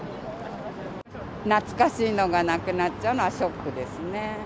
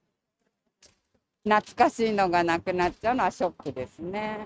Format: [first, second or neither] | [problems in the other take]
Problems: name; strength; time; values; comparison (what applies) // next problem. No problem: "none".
first | noise reduction (neural mask model RNNoise)